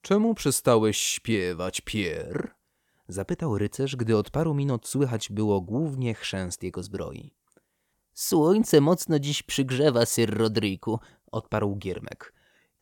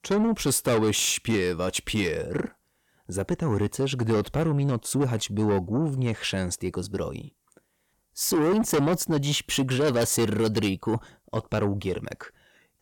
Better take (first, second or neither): first